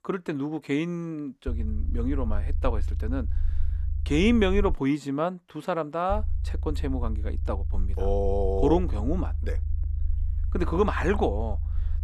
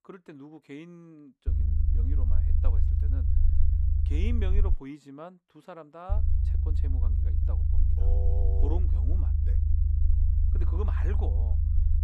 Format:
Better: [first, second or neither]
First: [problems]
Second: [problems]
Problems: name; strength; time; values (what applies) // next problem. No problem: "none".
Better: first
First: low rumble; faint; from 1.5 to 4.5 s and from 6 s on; 20 dB below the speech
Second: low rumble; loud; from 1.5 to 4.5 s and from 6 s on; 2 dB below the speech